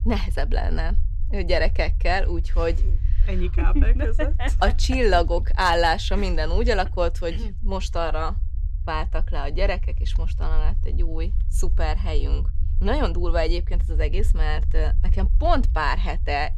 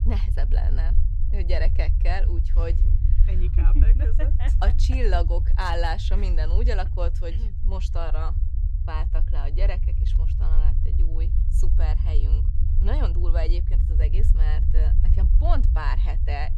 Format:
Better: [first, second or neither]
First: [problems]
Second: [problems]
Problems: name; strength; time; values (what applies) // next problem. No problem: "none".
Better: first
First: low rumble; faint; throughout; 20 dB below the speech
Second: low rumble; loud; throughout; 10 dB below the speech